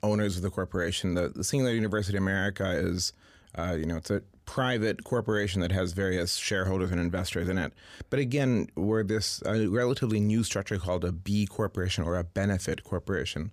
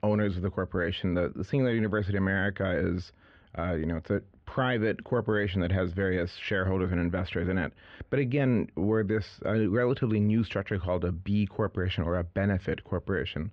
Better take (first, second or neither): first